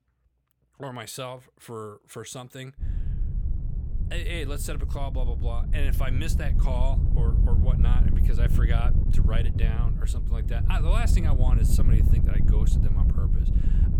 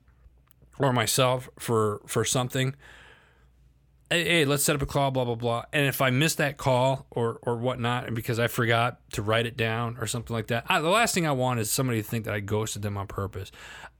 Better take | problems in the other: second | wind noise on the microphone; heavy; from 3 s on; 4 dB below the speech

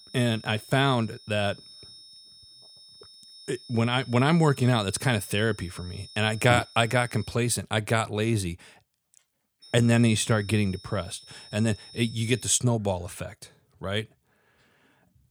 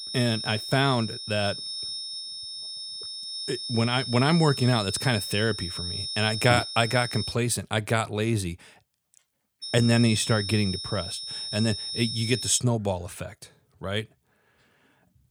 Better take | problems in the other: first | high-pitched whine; loud; until 7.5 s and from 9.5 to 13 s; 5.5 kHz, 6 dB below the speech; faint in the first

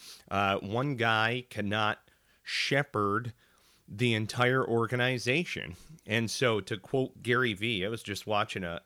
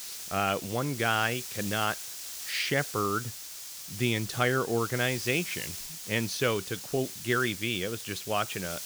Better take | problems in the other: first | hiss; loud; throughout; 8 dB below the speech

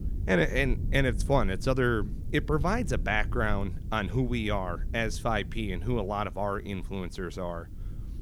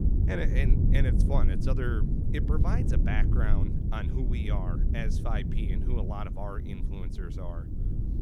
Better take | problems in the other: first | low rumble; loud; throughout; 3 dB below the speech; faint in the first

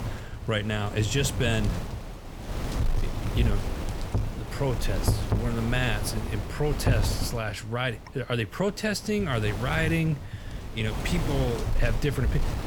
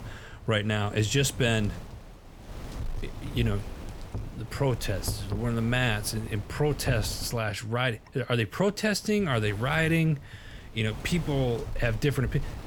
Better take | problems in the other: second | wind noise on the microphone; heavy; 8 dB below the speech; occasional gusts in the second

